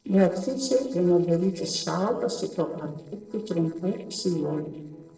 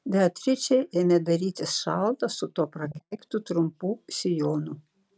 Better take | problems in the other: second | noise reduction (neural separator model SepFormer DNS4)

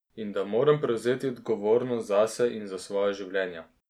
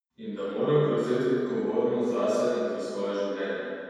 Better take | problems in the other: first | room echo; dies away in 2.1 s

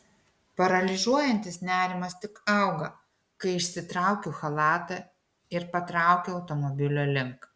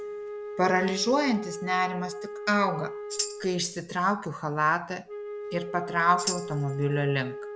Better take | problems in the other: first | background sound (Tambourine + Wind instrument, woodwind instrument); 9 dB below the speech

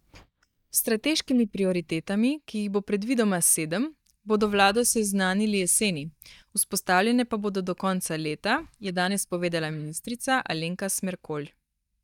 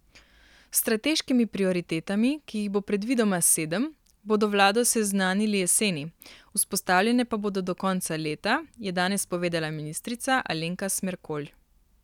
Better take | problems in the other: second | noise reduction (neural mask model DeepFilterNet 3)

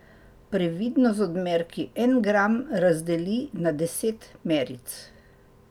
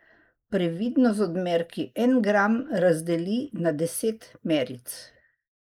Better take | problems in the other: first | noise reduction (neural mask model Resemble Enhance denoiser)

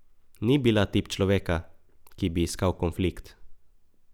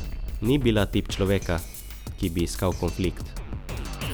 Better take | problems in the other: first | background sound (Drum kit); 6 dB below the speech

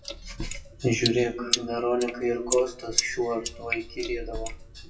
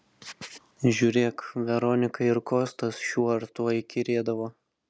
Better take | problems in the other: second | noise reduction (classical method WPE with log-MMSE)

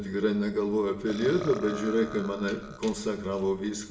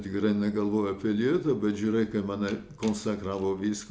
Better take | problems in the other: second | background sound (Burping, eructation); 14 dB below the speech // room echo; dies away in 0.9 s

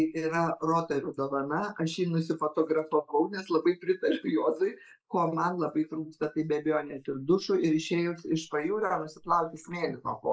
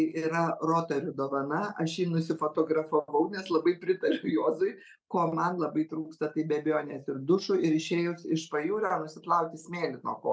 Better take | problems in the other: second | noise reduction (neural mask model Resemble Enhance denoiser)

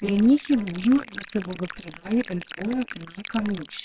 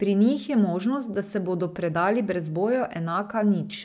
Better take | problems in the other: second | noise reduction (neural separator model SepFormer WHAMR!)

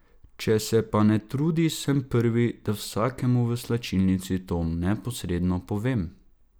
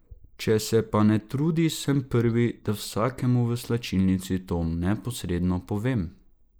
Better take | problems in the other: first | noise reduction (neural mask model Resemble Enhance denoiser)

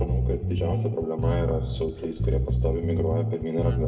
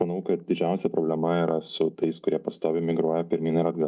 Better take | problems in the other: second | background sound (Bass guitar); 3 dB above the speech // room echo; dies away in 1.4 s

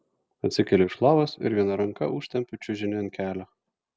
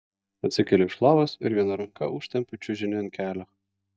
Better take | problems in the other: first | noise reduction (neural mask model DeepFilterNet 3)

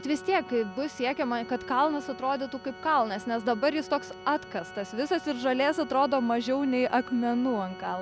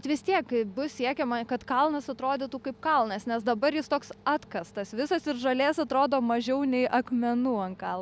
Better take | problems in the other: second | background sound (Organ); 16 dB below the speech

